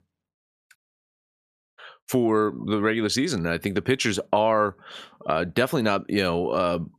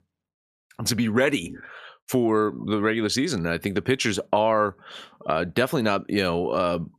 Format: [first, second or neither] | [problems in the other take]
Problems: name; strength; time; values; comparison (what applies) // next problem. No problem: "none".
second | audio cutting out; at 1 s for 1 s